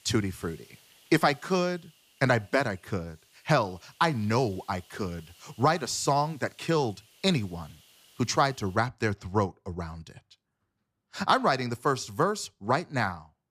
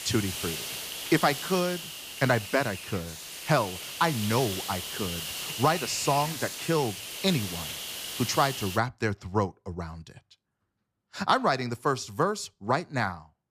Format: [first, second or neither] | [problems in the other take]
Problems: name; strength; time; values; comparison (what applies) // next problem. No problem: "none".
first | hiss; loud; until 9 s; 6 dB below the speech; faint in the first